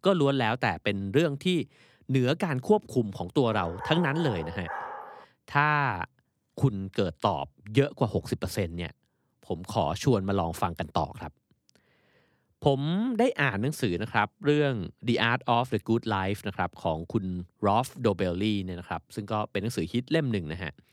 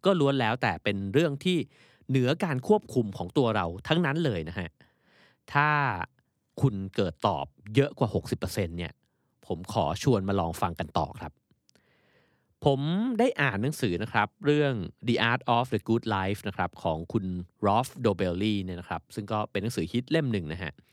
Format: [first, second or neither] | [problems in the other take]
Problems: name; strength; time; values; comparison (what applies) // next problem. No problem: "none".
second | dog barking; noticeable; from 3.5 to 5 s; peak 8 dB below the speech